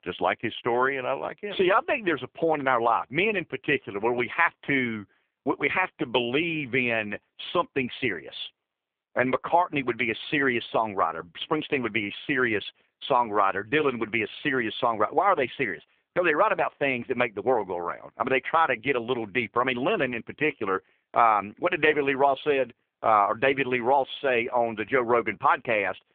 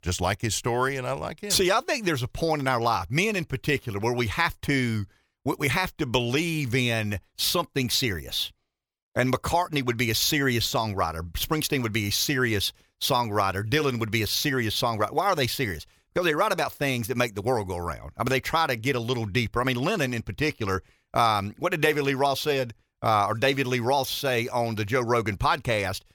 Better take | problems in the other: second | phone-call audio; poor line

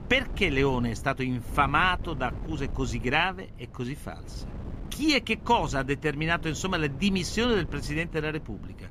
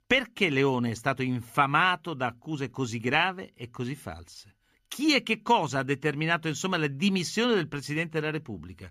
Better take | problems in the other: second | wind noise on the microphone; occasional gusts; 20 dB below the speech

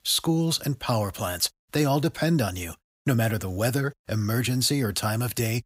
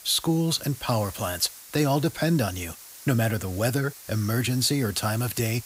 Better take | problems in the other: first | hiss; noticeable; throughout; 15 dB below the speech

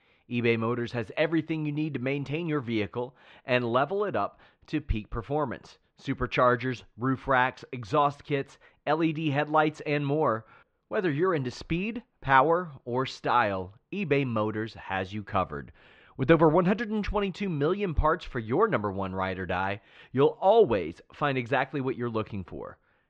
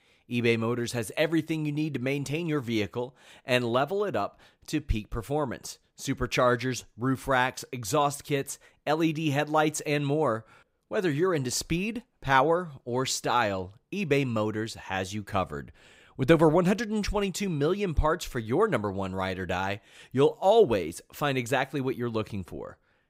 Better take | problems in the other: second | muffled; slightly; fading above 3.5 kHz

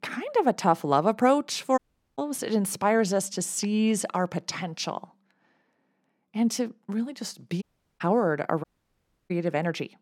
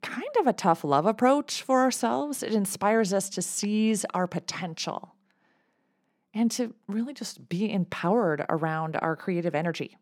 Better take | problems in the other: second | audio cutting out; at 2 s, at 7.5 s and at 8.5 s for 0.5 s

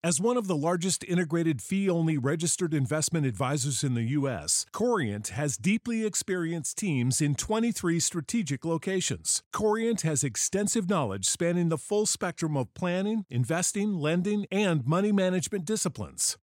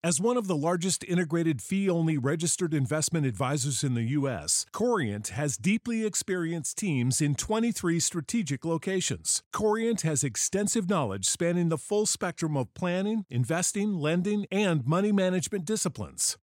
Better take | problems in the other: neither | none

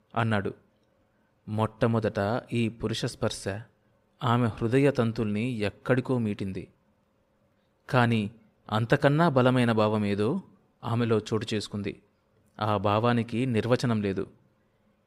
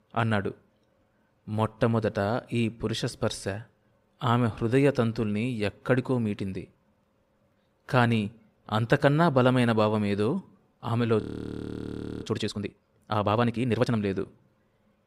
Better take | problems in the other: first | audio freezing; at 11 s for 1 s

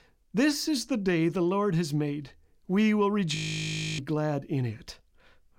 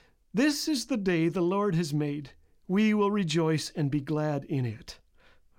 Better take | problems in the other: second | audio freezing; at 3.5 s for 0.5 s

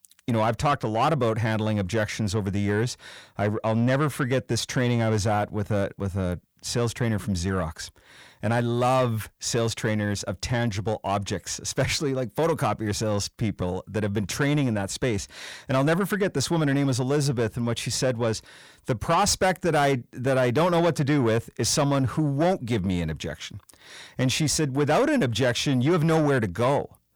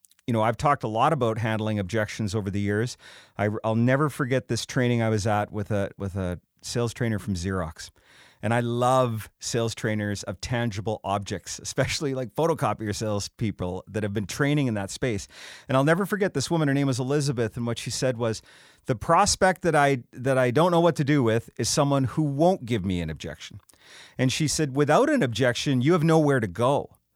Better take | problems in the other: second | distortion; slight; 10 dB below the speech

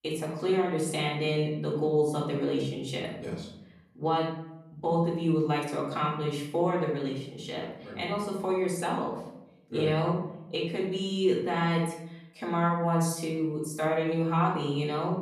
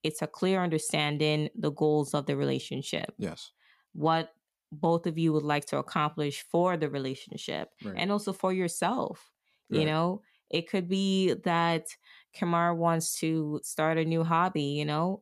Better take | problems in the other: second | off-mic speech; far // room echo; noticeable; dies away in 0.7 s

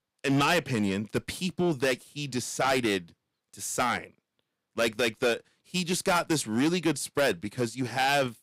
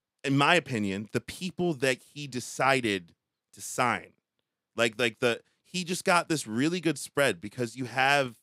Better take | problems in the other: second | distortion; heavy; 7 dB below the speech

